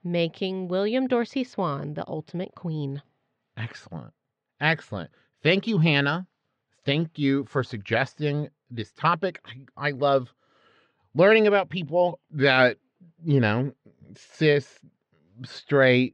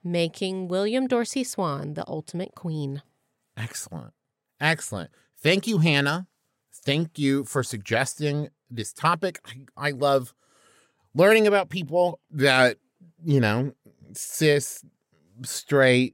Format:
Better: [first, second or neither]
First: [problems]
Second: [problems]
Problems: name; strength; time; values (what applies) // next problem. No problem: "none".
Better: second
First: muffled; very slightly; fading above 4 kHz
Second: none